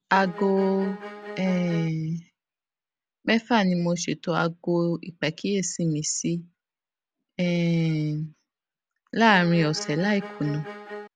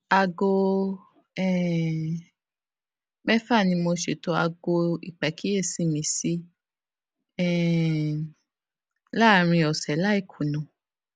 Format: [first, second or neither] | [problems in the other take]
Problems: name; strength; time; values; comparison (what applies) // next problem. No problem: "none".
second | background sound (Bowed string instrument); 12 dB below the speech